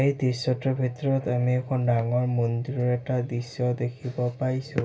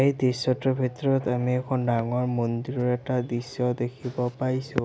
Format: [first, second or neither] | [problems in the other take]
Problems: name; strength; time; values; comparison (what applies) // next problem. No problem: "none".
second | room echo; dies away in 0.2 s